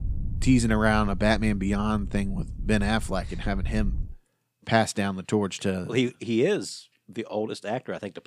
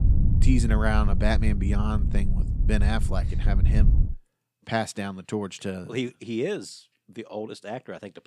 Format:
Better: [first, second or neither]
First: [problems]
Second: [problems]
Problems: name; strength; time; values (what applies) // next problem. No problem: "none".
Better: first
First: low rumble; faint; until 4 s; 25 dB below the speech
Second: low rumble; loud; until 4 s; 9 dB below the speech